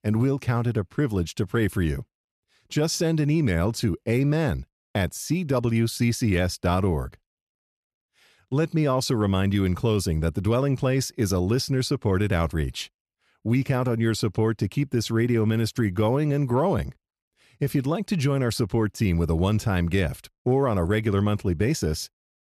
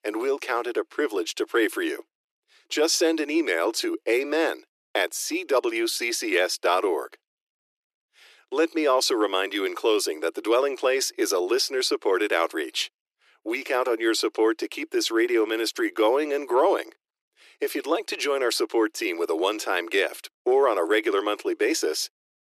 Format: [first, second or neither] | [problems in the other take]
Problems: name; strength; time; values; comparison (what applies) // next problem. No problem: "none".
first | thin; very; fading below 300 Hz